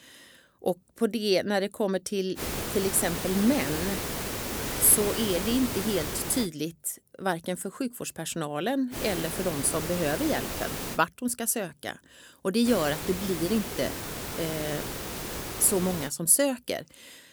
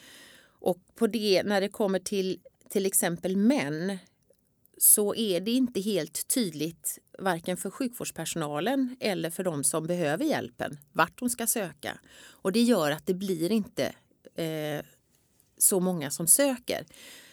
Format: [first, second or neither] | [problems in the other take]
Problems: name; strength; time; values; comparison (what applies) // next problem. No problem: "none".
second | hiss; loud; from 2.5 to 6.5 s, from 9 to 11 s and from 13 to 16 s; 5 dB below the speech